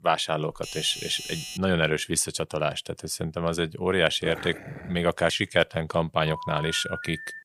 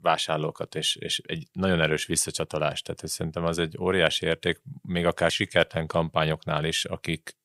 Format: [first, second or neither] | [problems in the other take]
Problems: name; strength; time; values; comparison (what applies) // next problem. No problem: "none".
second | doorbell; noticeable; from 0.5 to 1.5 s; peak 8 dB below the speech // dog barking; faint; at 4 s; peak 10 dB below the speech // phone ringing; noticeable; from 6.5 s on; peak 9 dB below the speech